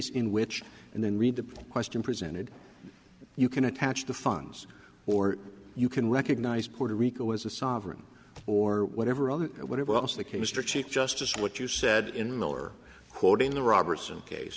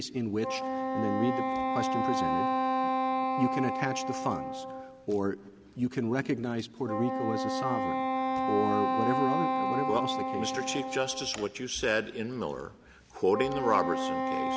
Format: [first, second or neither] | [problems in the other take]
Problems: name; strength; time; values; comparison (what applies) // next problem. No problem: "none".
first | background sound (Wind instrument, woodwind instrument); 1 dB above the speech